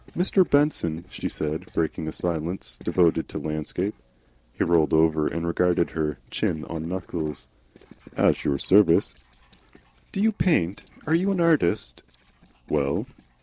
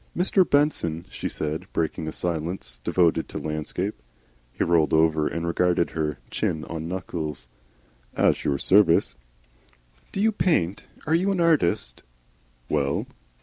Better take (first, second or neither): second